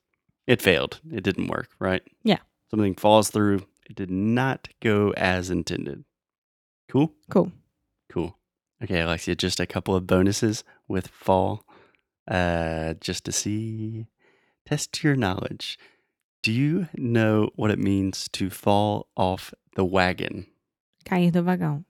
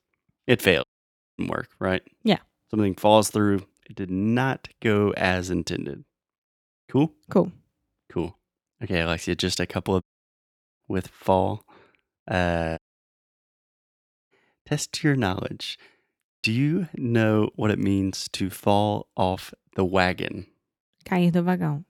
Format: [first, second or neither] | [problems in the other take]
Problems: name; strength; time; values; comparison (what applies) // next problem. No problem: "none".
first | audio cutting out; at 1 s for 0.5 s, at 10 s for 1 s and at 13 s for 1.5 s